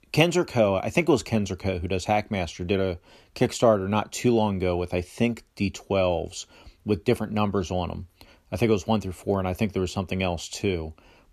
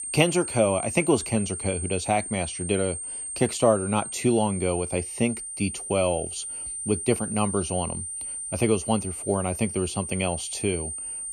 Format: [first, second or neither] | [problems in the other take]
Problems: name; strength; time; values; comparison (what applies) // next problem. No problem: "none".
first | high-pitched whine; loud; throughout; 9 kHz, 6 dB below the speech